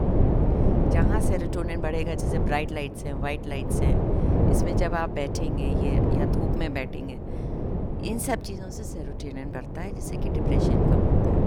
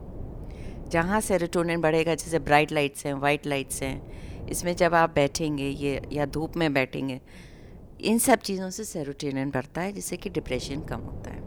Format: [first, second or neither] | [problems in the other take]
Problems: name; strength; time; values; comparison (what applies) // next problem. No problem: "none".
second | wind noise on the microphone; heavy; 1 dB above the speech; occasional gusts in the second